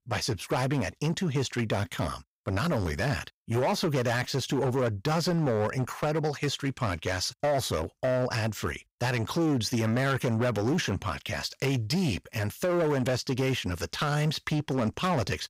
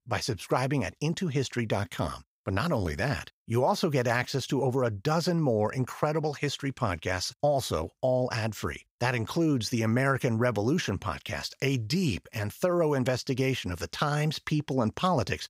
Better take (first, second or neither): second